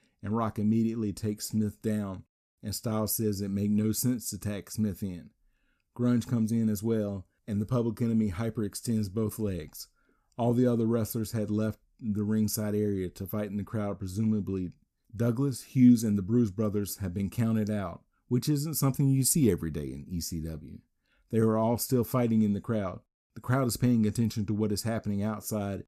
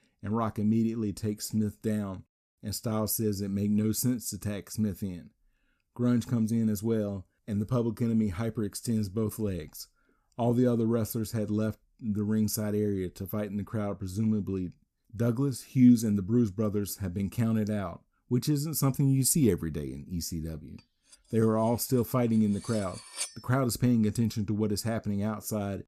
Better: first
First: none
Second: clattering dishes; noticeable; at 23 s; peak 6 dB below the speech

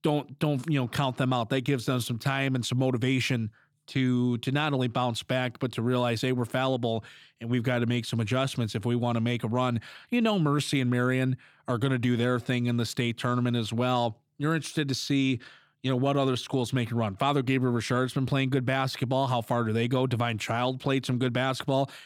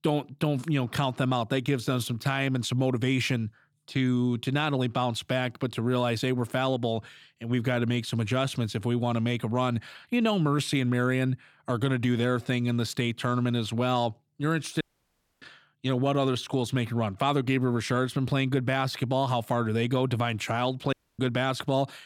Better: first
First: none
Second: audio cutting out; at 15 s for 0.5 s and at 21 s

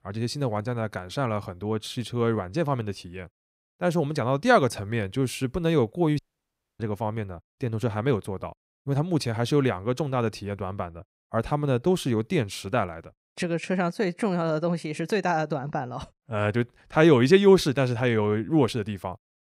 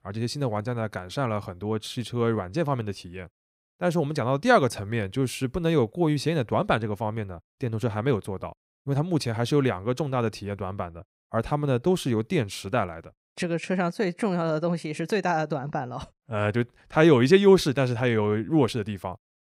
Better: second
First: audio cutting out; at 6 s for 0.5 s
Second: none

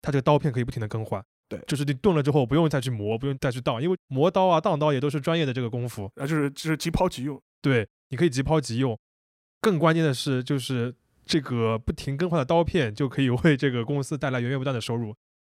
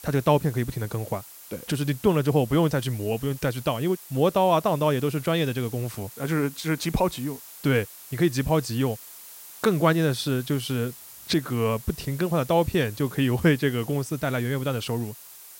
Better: first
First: none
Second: hiss; noticeable; throughout; 15 dB below the speech

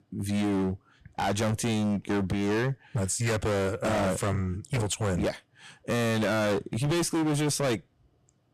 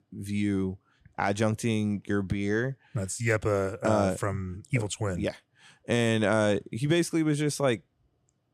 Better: second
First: distortion; heavy; 26% of the sound clipped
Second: none

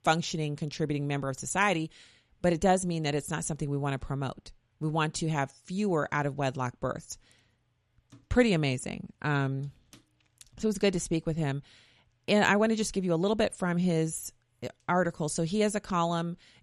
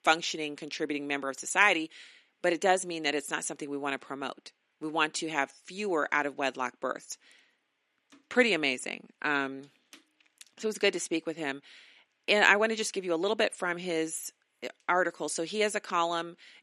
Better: first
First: none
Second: thin; somewhat; fading below 300 Hz

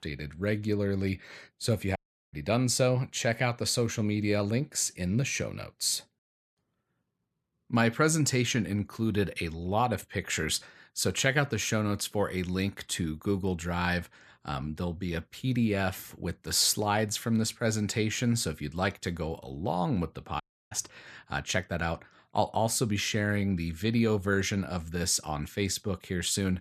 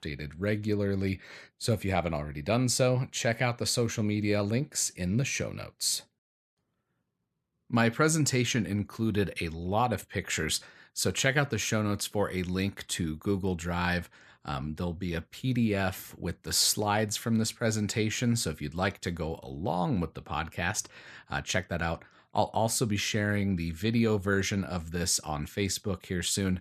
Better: second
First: audio cutting out; at 2 s and at 20 s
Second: none

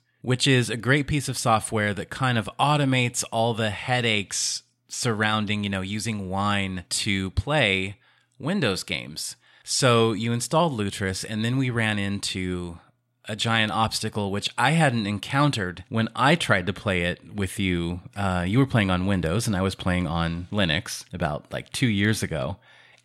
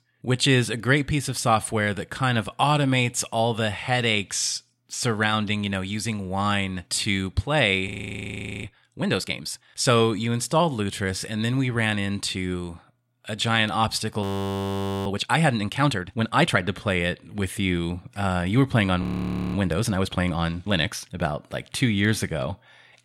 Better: first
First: none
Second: audio freezing; at 8 s for 1 s, at 14 s for 1 s and at 19 s for 0.5 s

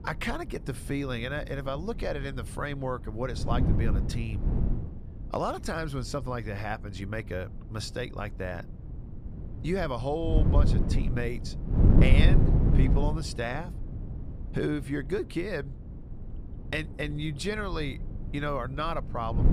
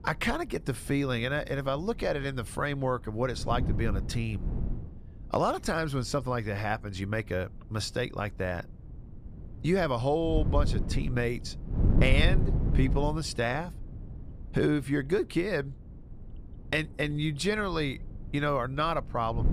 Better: second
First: wind noise on the microphone; heavy; 6 dB below the speech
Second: wind noise on the microphone; occasional gusts; 15 dB below the speech

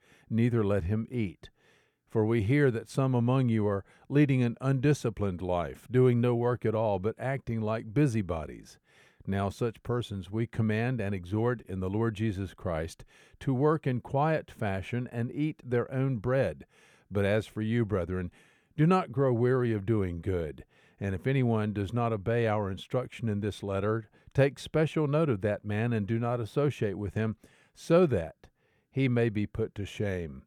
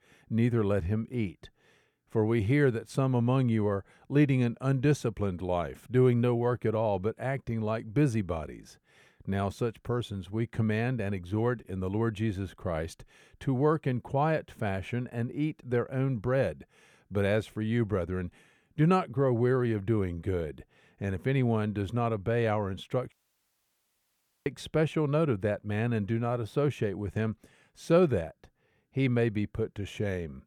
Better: first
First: none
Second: audio cutting out; at 23 s for 1.5 s

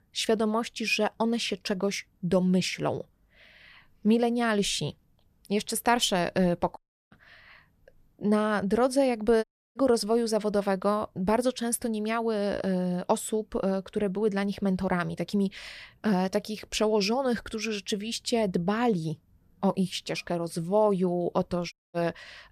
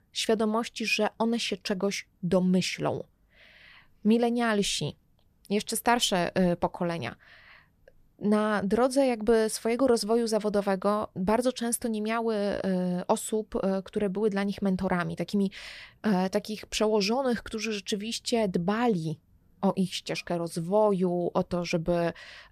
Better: second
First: audio cutting out; at 7 s, at 9.5 s and at 22 s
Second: none

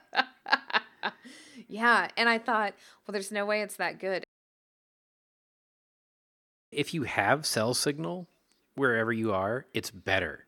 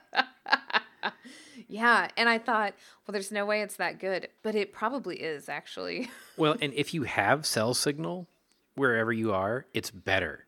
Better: second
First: audio cutting out; at 4 s for 2.5 s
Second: none

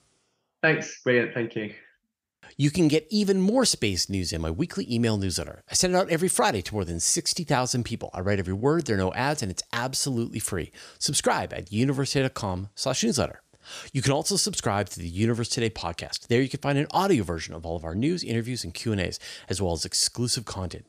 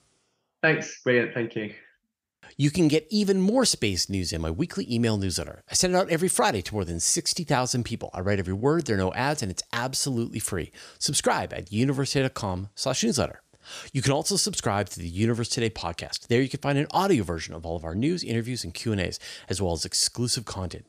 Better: neither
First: none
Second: none

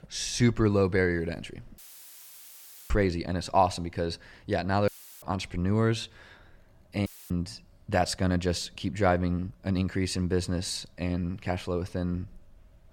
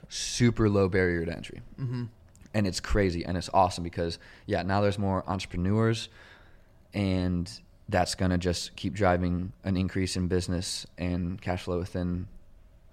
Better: second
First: audio cutting out; filled with static; at 2 s for 1 s, at 5 s and at 7 s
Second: none

